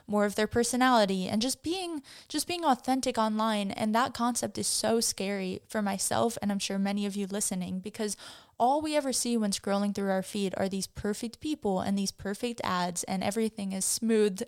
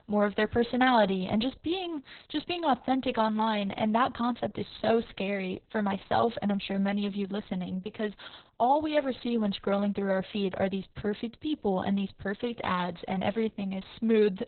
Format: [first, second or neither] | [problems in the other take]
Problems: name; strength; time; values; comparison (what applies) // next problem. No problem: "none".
first | garbled, watery; badly; nothing above 4 kHz